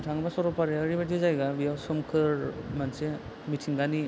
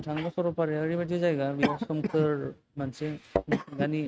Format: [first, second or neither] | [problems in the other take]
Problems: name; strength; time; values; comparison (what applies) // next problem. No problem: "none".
first | noise reduction (neural mask model RNNoise)